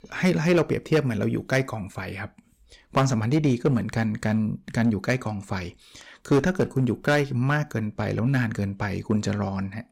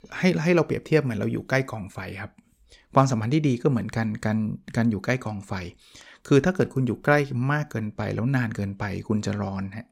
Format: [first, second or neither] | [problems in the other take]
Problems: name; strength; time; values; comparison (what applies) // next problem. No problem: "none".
second | distortion; slight; 4% of the sound clipped